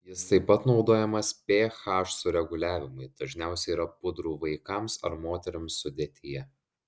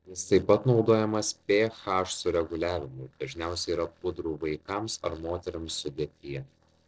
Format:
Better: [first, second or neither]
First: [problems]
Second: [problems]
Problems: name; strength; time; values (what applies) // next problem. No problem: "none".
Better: first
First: none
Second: noise reduction (neural separator model SepFormer DNS4)